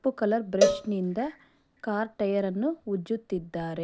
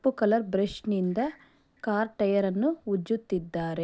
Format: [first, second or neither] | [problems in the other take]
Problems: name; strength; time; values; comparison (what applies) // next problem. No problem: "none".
second | background sound (Cowbell); 1 dB below the speech